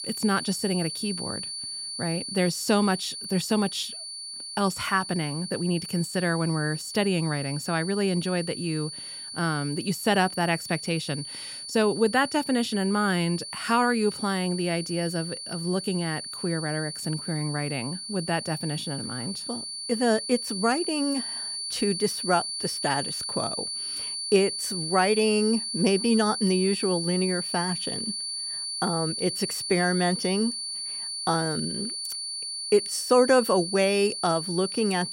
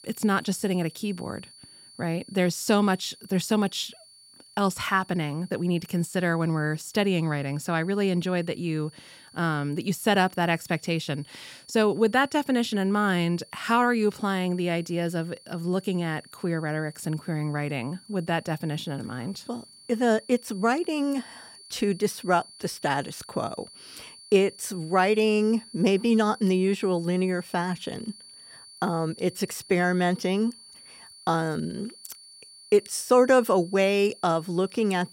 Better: second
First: high-pitched whine; loud; throughout; 4.5 kHz, 5 dB below the speech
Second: high-pitched whine; faint; throughout; 4.5 kHz, 20 dB below the speech

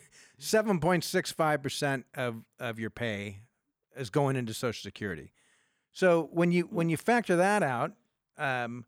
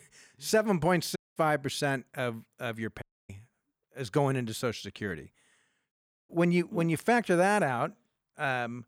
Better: first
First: none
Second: audio cutting out; at 1 s, at 3 s and at 6 s

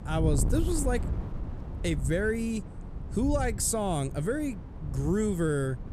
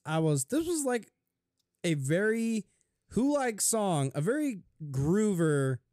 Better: second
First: wind noise on the microphone; occasional gusts; 15 dB below the speech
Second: none

